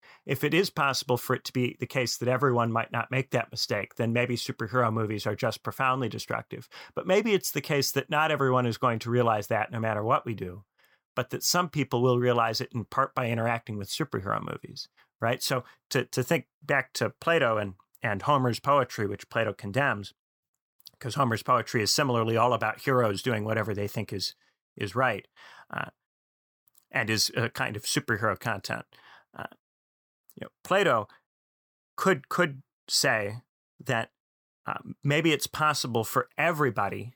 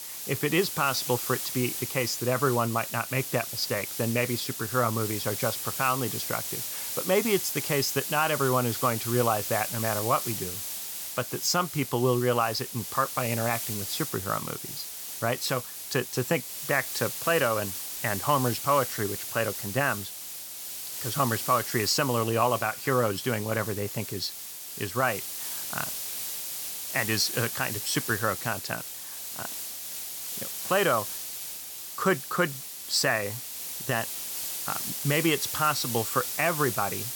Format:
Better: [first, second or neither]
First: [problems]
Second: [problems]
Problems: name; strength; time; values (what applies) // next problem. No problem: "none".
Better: first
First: none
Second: hiss; loud; throughout; 4 dB below the speech